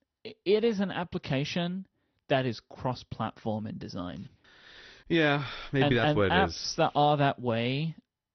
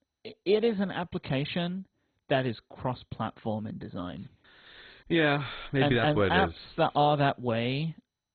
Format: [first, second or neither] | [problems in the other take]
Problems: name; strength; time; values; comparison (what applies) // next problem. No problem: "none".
first | garbled, watery; badly; nothing above 4 kHz; slightly in the first